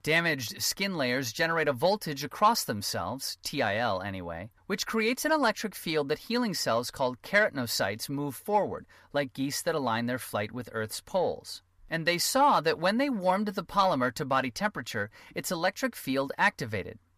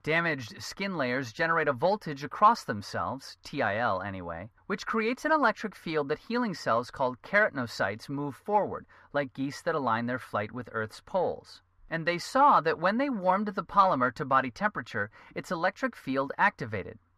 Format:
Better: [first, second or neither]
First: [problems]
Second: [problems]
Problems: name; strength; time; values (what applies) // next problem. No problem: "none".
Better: first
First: none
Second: muffled; slightly; fading above 2 kHz